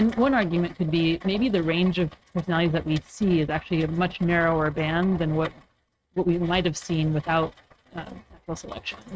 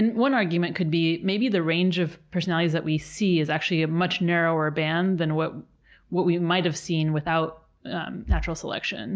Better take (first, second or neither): second